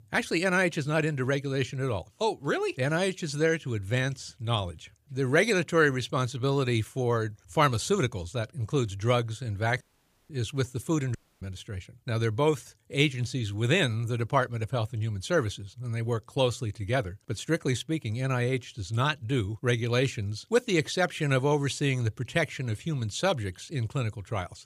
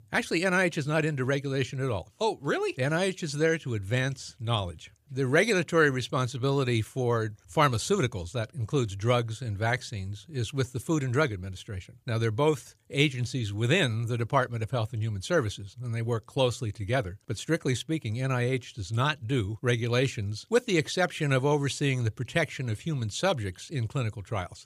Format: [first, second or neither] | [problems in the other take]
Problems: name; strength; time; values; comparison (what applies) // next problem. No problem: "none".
second | audio cutting out; at 10 s and at 11 s